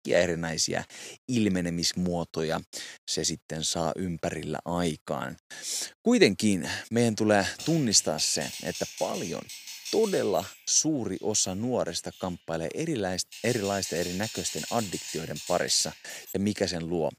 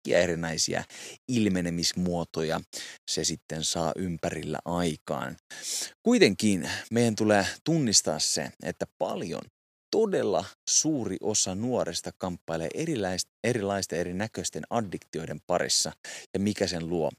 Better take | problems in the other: second | keyboard typing; noticeable; from 7.5 to 16 s; peak 6 dB below the speech

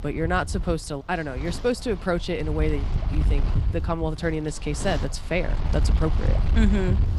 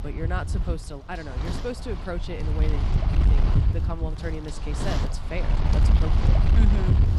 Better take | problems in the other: first | wind noise on the microphone; heavy; as loud as the speech; occasional gusts in the first

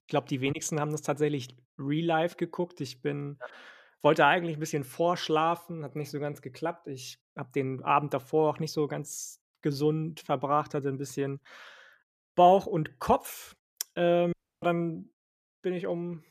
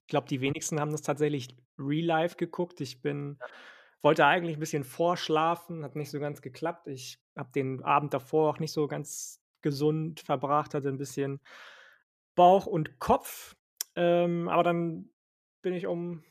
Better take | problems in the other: second | audio cutting out; at 14 s

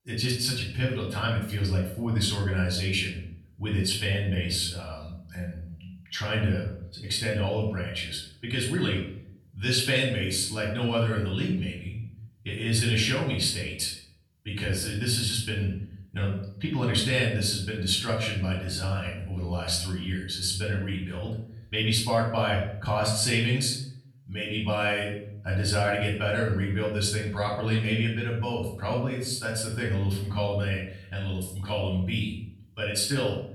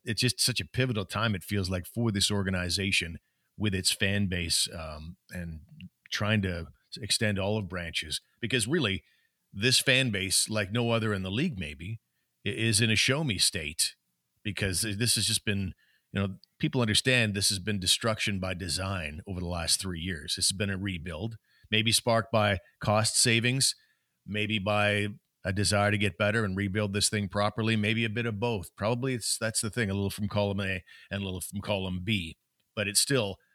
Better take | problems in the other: second | off-mic speech; far // room echo; noticeable; dies away in 0.6 s

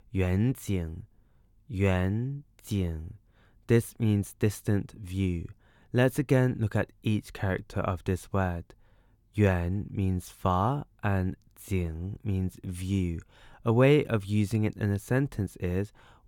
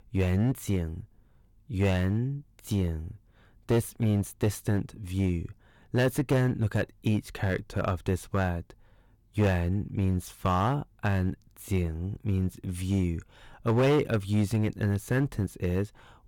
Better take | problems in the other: first | distortion; slight; 5% of the sound clipped

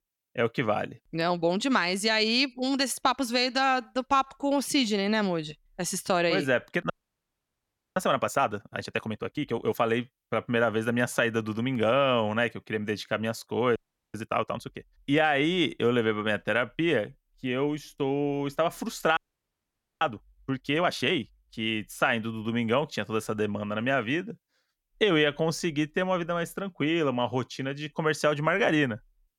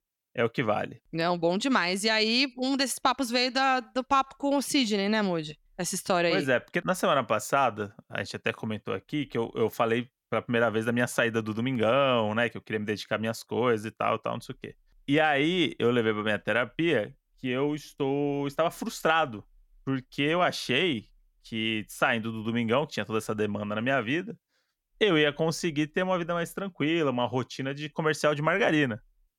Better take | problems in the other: second | audio freezing; at 7 s for 1 s, at 14 s and at 19 s for 1 s

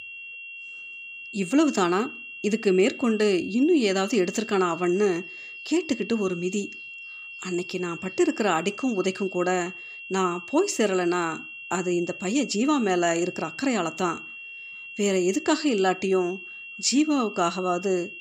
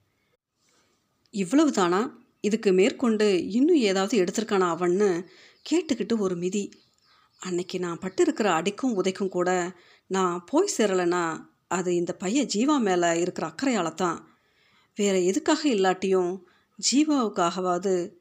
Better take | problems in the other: second | high-pitched whine; noticeable; throughout; 2.5 kHz, 10 dB below the speech

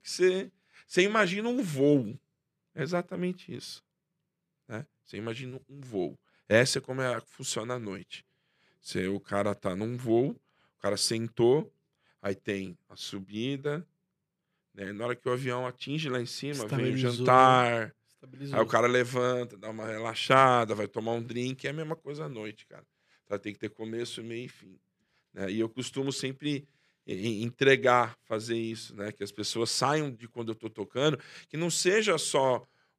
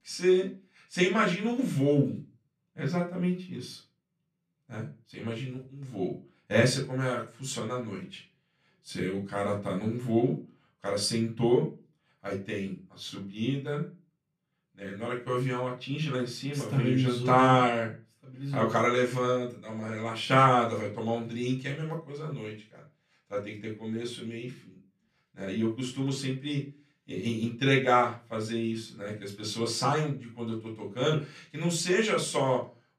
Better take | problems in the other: first | off-mic speech; far // room echo; very slight; dies away in 0.2 s

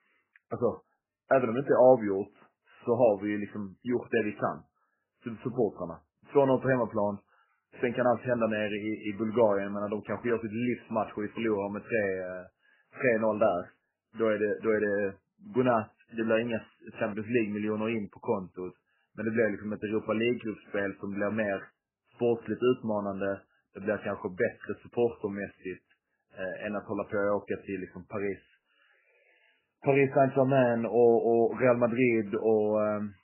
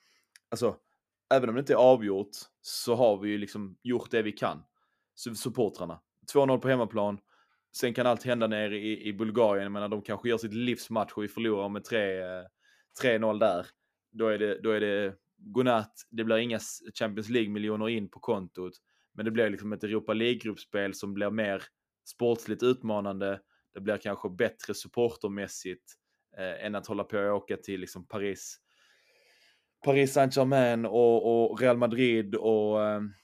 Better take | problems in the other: second | garbled, watery; badly; nothing above 3 kHz

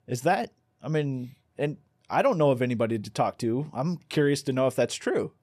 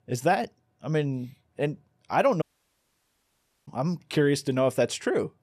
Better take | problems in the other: first | audio cutting out; at 2.5 s for 1.5 s

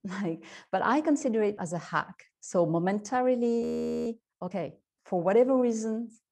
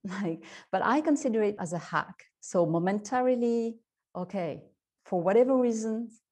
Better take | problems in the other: second | audio freezing; at 3.5 s

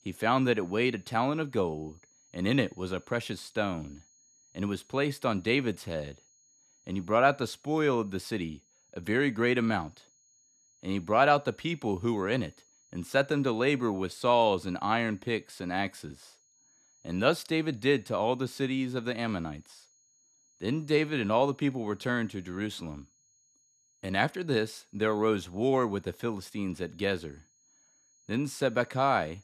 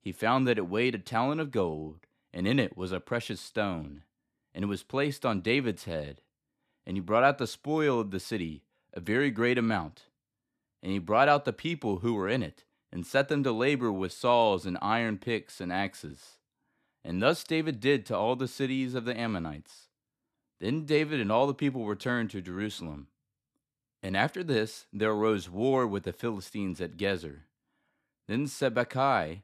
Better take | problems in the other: second | high-pitched whine; faint; throughout; 6.5 kHz, 35 dB below the speech

